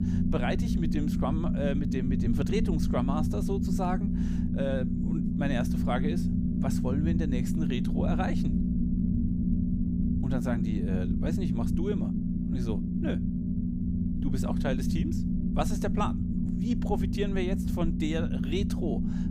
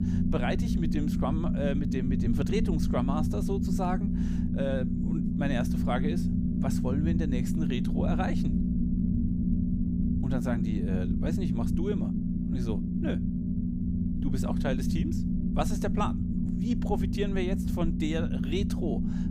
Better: neither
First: low rumble; loud; throughout; 1 dB below the speech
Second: low rumble; loud; throughout; 1 dB below the speech

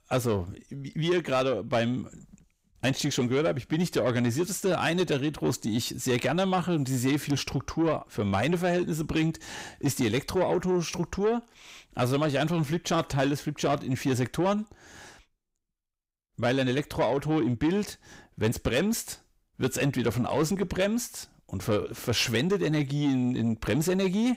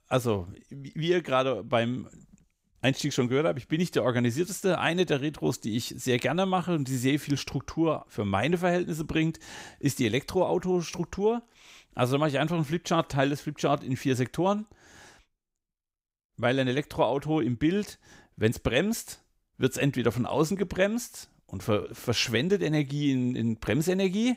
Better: second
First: distortion; slight; 10 dB below the speech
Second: none

